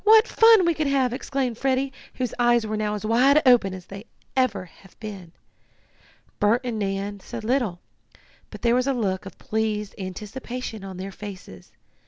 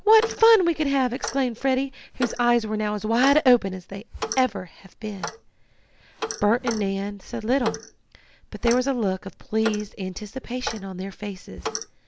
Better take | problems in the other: first | background sound (Clock); 12 dB below the speech

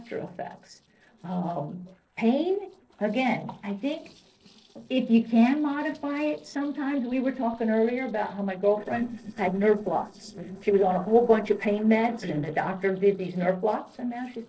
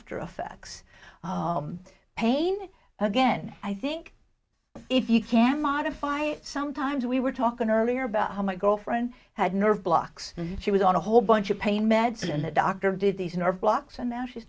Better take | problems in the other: second | noise reduction (neural separator model SepFormer DNS4)

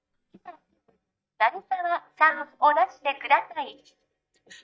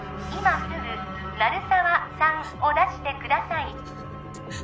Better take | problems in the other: second | noise reduction (neural mask model DeepFilterNet 3)

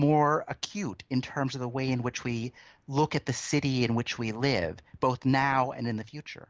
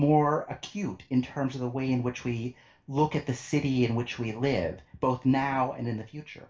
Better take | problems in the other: first | room echo; dies away in 0.3 s

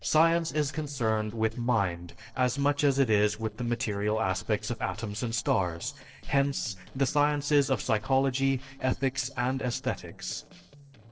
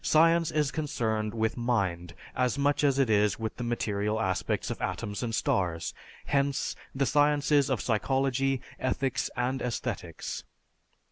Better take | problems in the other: second | noise reduction (neural separator model SepFormer DNS4)

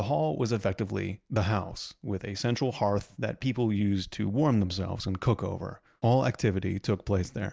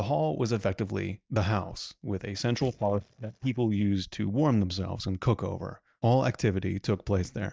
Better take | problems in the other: first | noise reduction (neural mask model DeepFilterNet 3)

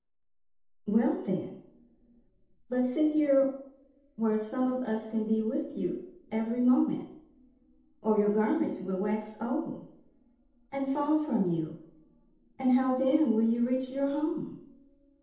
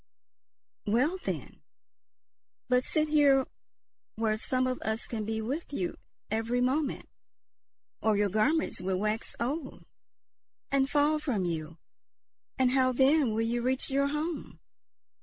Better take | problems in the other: second | room echo; dies away in 0.8 s

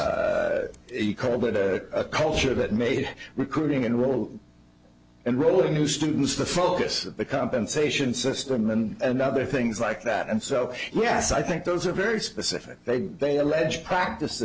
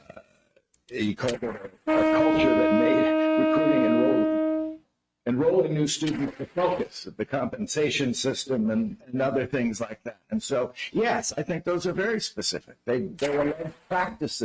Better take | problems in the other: first | noise reduction (neural mask model RNNoise)

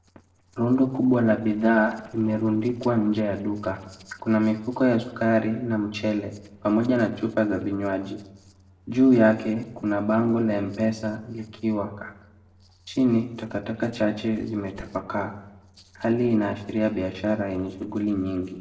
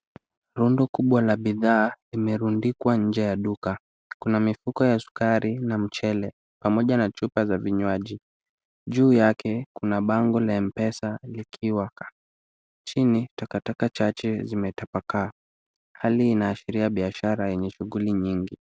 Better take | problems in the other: second | noise reduction (neural separator model SepFormer DNS4)

